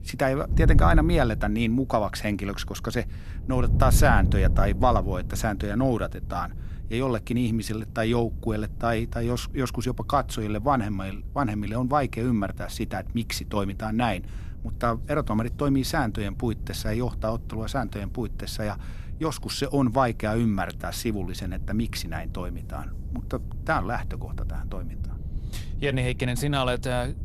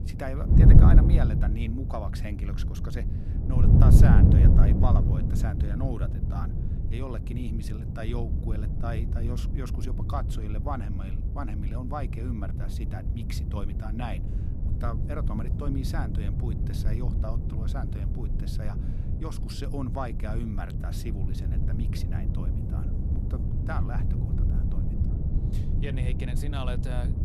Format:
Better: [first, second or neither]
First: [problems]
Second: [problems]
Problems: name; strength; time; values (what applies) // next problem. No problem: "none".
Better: first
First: wind noise on the microphone; occasional gusts; 20 dB below the speech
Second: wind noise on the microphone; heavy; as loud as the speech